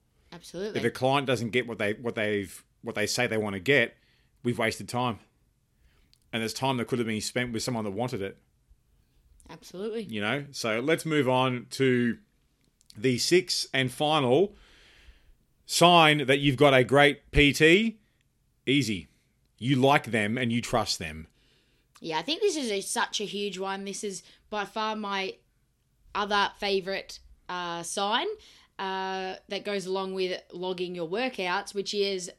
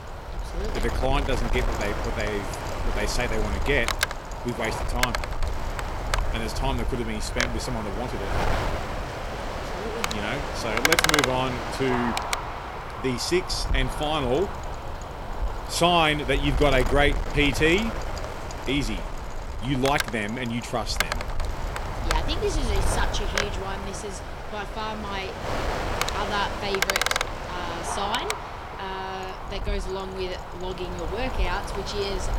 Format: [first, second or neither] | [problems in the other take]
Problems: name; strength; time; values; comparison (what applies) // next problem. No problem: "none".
first | wind noise on the microphone; heavy; 2 dB below the speech